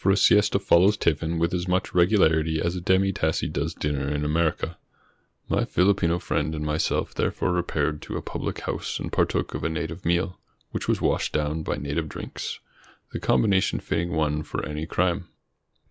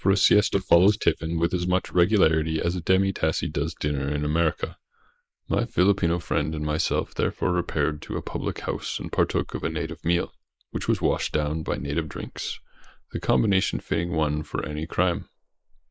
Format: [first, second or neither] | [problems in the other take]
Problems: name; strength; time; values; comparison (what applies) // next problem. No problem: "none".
first | noise reduction (neural mask model Resemble Enhance denoiser)